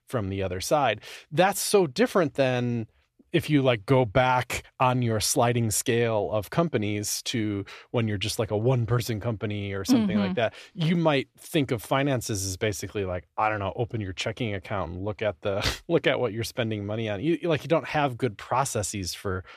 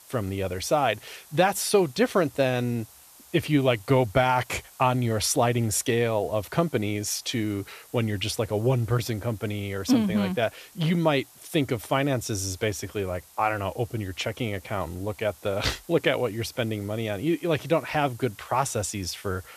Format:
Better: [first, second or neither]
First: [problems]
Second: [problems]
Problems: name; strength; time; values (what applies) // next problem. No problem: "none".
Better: first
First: none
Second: hiss; faint; throughout; 25 dB below the speech